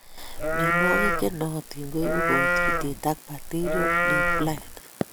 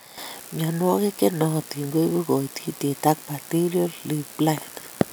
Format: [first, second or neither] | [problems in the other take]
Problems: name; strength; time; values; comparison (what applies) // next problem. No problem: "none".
second | background sound (Livestock, farm animals, working animals); 5 dB above the speech